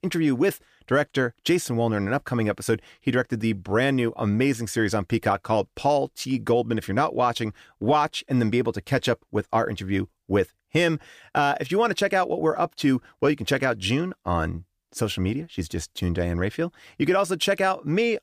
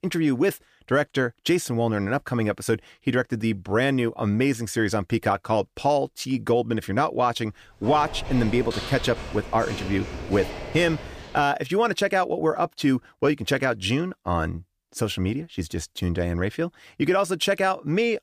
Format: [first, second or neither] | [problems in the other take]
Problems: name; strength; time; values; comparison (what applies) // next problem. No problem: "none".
first | footsteps; noticeable; from 8 to 11 s; peak 8 dB below the speech